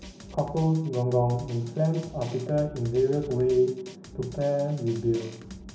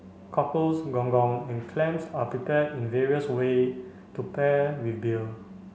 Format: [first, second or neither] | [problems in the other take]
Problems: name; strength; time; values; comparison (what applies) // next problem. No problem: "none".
second | background sound (Drum); 19 dB below the speech // room echo; dies away in 0.4 s